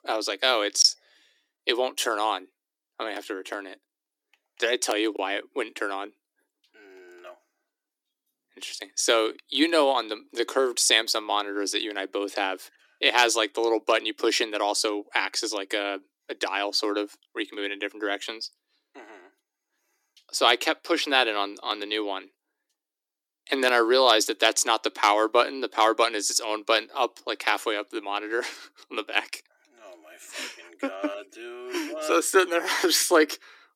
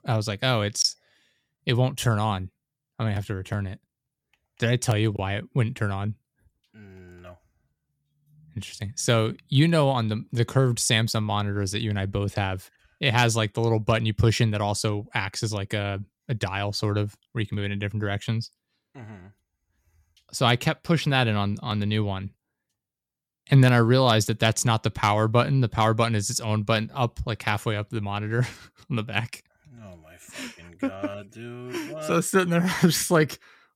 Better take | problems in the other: second | thin; very; fading below 300 Hz

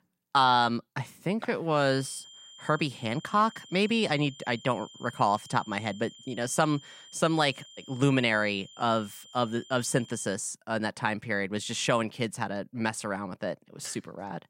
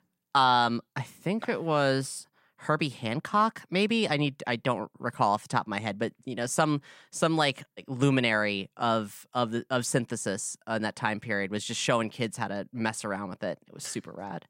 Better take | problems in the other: second | high-pitched whine; noticeable; from 2 to 10 s; 3 kHz, 20 dB below the speech

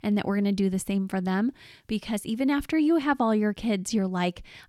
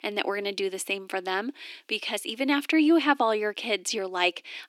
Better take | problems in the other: first | thin; somewhat; fading below 300 Hz

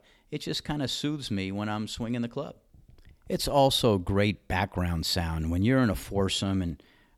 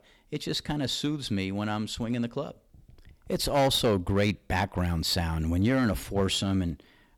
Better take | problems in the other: first | distortion; slight; 5% of the sound clipped

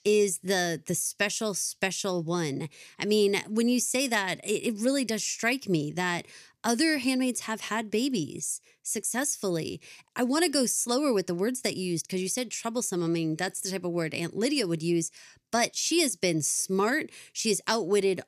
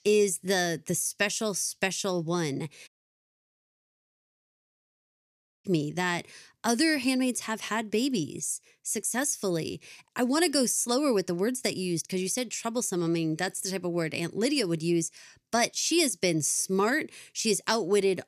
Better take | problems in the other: first | audio cutting out; at 3 s for 3 s

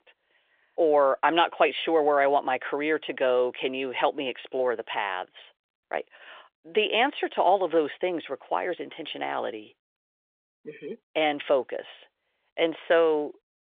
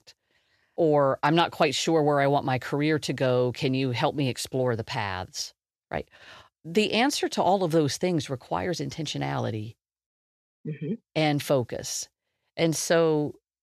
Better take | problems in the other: second | phone-call audio; nothing above 3.5 kHz

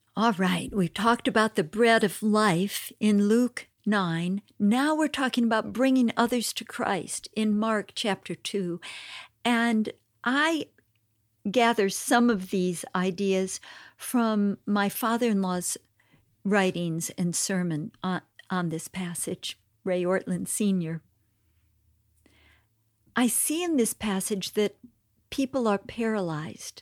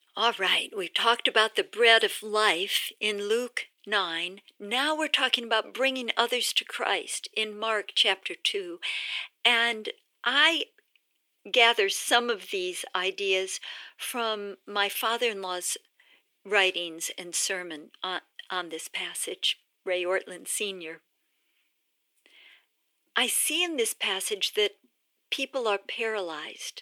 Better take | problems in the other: first | thin; very; fading below 400 Hz

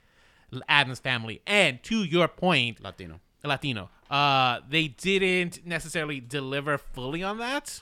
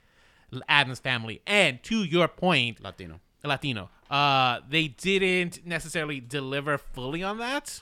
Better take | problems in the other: neither | none

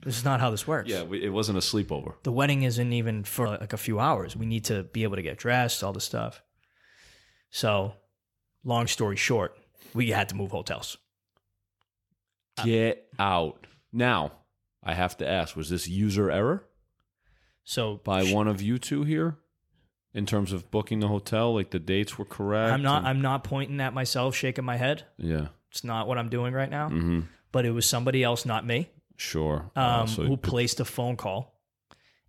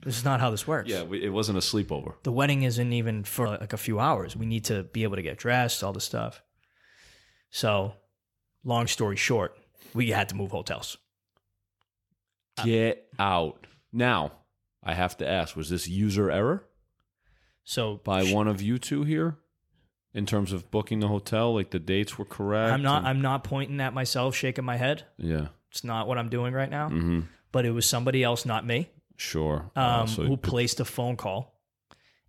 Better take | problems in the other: neither | none

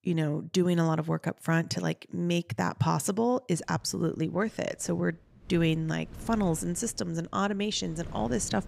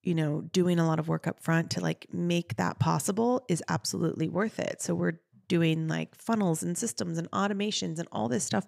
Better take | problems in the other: second | wind noise on the microphone; occasional gusts; from 3.5 s on; 20 dB below the speech

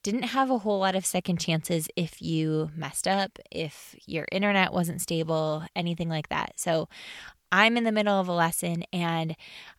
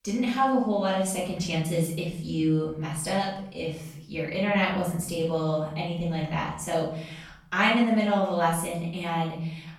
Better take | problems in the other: first | off-mic speech; far // room echo; noticeable; dies away in 0.8 s

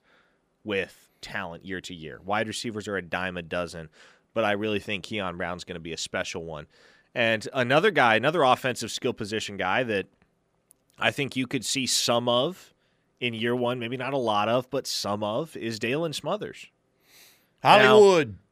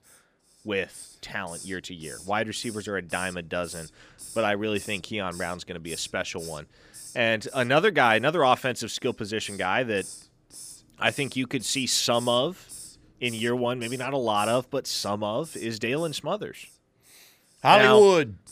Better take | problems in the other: first | hiss; noticeable; throughout; 20 dB below the speech

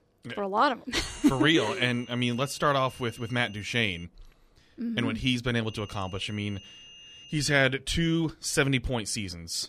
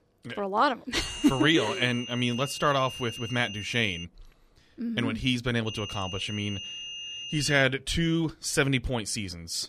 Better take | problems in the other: first | high-pitched whine; loud; from 1 to 4 s and from 5.5 to 7.5 s; 3 kHz, 10 dB below the speech; faint in the first

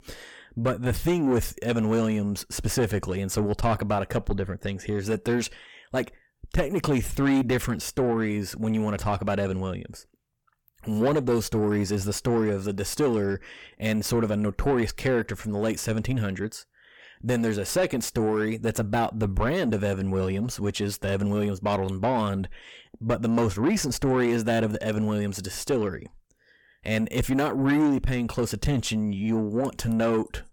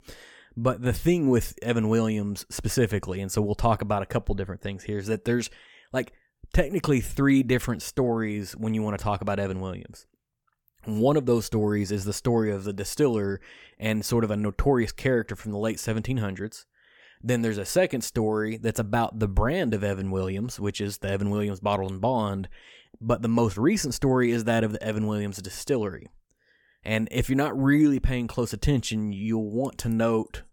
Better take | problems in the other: second | distortion; slight; 9 dB below the speech

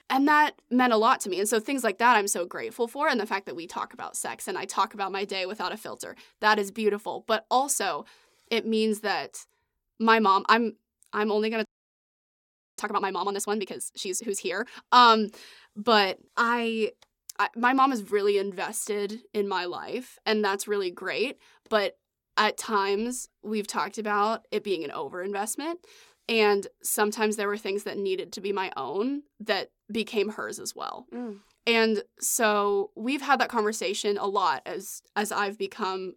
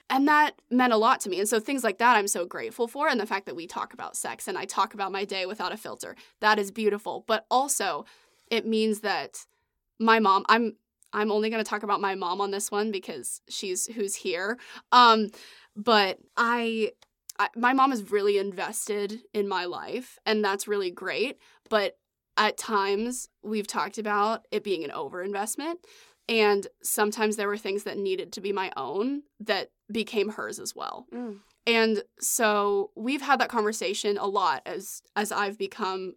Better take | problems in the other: second | audio freezing; at 12 s for 1 s

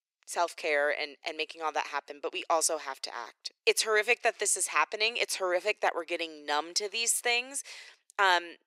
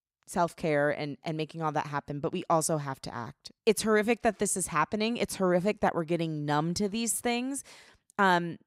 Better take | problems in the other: second | thin; very; fading below 400 Hz

